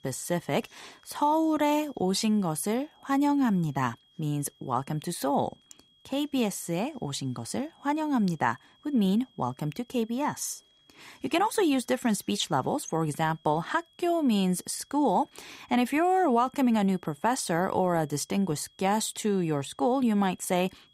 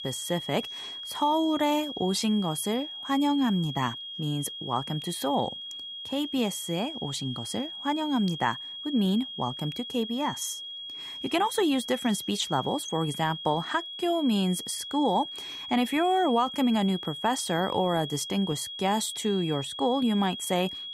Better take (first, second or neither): first